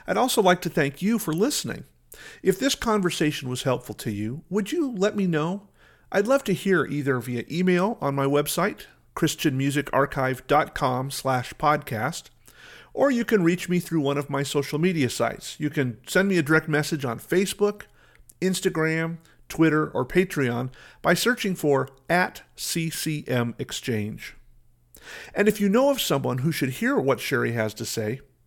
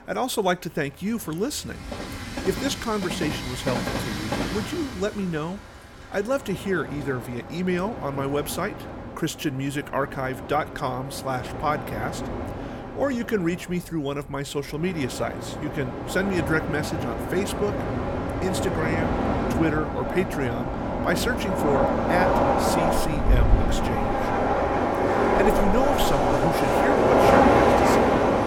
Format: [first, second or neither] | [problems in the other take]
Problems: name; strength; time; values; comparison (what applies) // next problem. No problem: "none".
first | train or aircraft noise; very loud; throughout; 4 dB above the speech